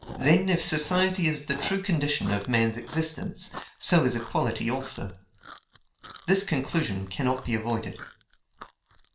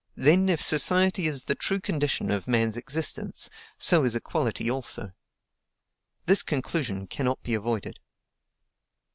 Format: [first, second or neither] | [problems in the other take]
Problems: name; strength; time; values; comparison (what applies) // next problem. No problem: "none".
second | background sound (Chewing, mastication); 17 dB below the speech // room echo; dies away in 0.4 s